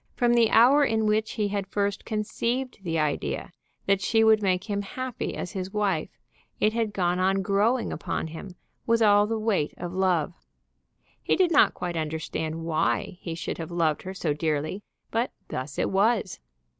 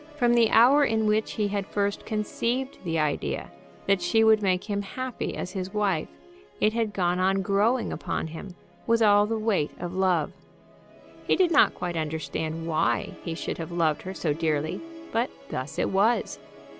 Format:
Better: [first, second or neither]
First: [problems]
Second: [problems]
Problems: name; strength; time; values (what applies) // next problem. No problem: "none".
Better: first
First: none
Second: background sound (Musical instrument); 20 dB below the speech